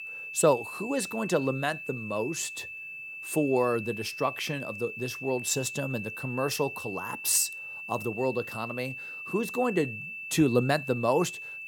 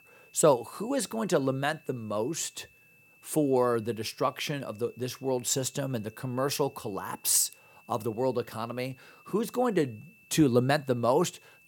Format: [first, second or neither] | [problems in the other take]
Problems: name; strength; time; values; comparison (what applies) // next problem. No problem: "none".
second | high-pitched whine; loud; throughout; 2.5 kHz, 8 dB below the speech; faint in the second